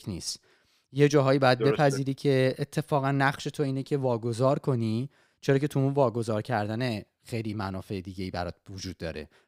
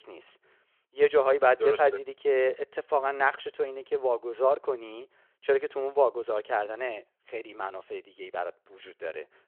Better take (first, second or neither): first